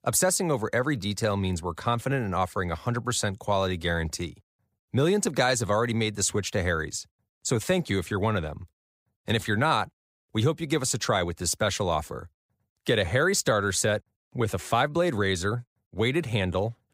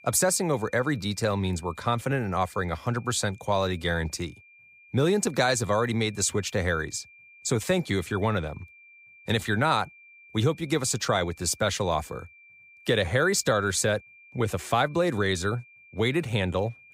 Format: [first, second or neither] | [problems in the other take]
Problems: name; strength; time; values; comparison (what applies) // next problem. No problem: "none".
first | high-pitched whine; faint; throughout; 2.5 kHz, 25 dB below the speech